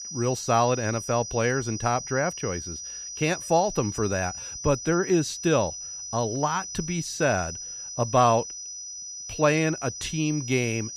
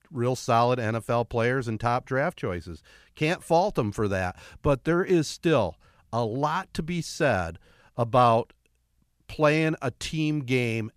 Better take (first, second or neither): second